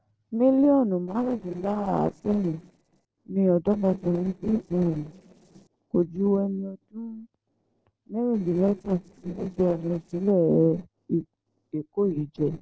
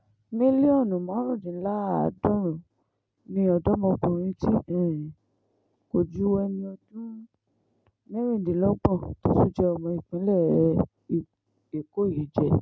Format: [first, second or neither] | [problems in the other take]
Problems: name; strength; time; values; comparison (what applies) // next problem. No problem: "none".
second | noise reduction (neural separator model SepFormer DNS4)